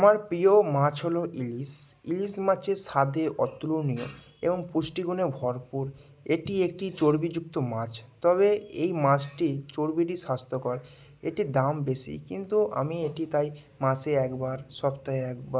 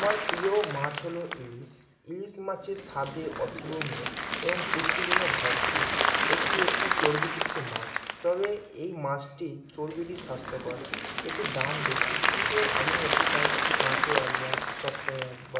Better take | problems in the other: first | background sound (Applause); 4 dB above the speech // room echo; dies away in 1.3 s

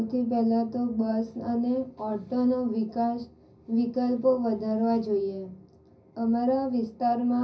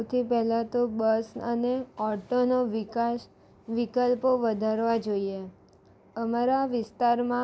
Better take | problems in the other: second | room echo; dies away in 0.4 s

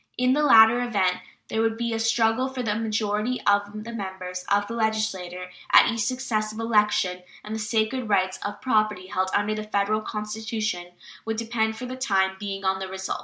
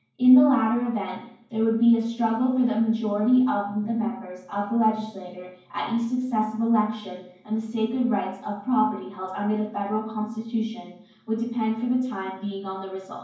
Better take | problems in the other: first | room echo; dies away in 0.9 s

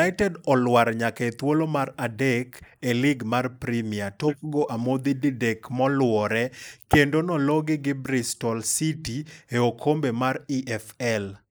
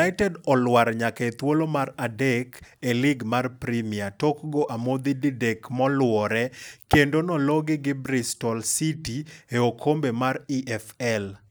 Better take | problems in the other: second | noise reduction (neural mask model Resemble Enhance denoiser)

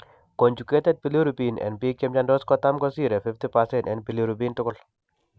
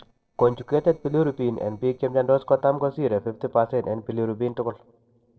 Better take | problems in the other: first | noise reduction (neural separator model SepFormer DNS4)

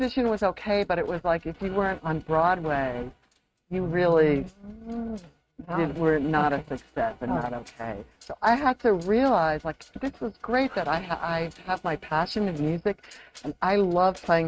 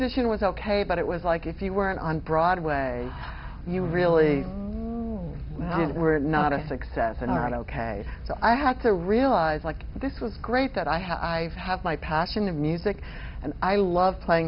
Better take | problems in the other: second | noise reduction (neural mask model RNNoise)

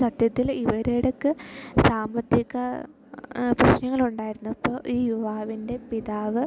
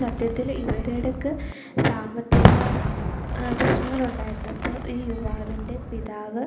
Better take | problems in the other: first | background sound (Fireworks); 2 dB above the speech // room echo; dies away in 0.8 s

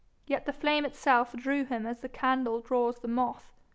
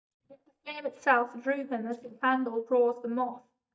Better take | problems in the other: first | noise reduction (neural mask model DeepFilterNet 3)

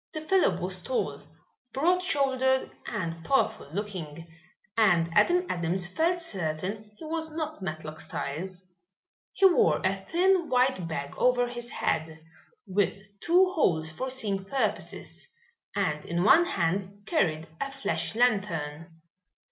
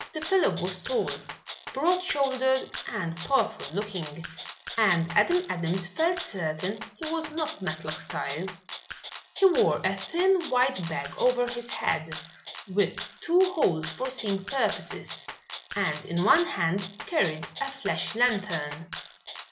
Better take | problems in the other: first | background sound (Rattle (instrument)); 13 dB below the speech

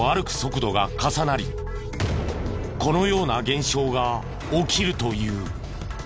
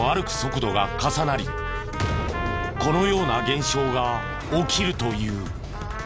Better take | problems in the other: first | background sound (Trumpet); 8 dB below the speech

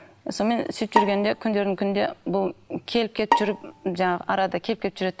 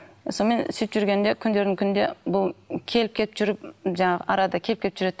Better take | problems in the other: second | background sound (Bowed string instrument); 5 dB below the speech

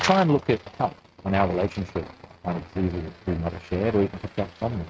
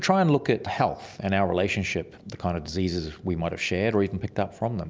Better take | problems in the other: second | noise reduction (neural mask model RNNoise)

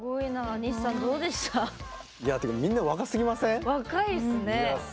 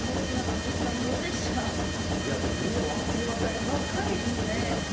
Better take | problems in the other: first | background sound (Mechanisms); 4 dB above the speech // room echo; dies away in 1.1 s

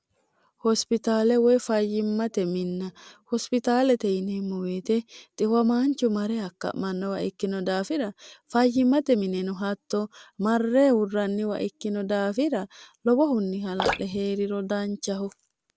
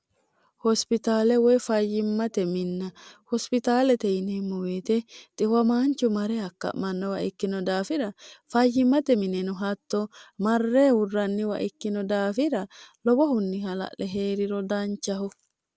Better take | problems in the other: second | background sound (Drip); 9 dB below the speech

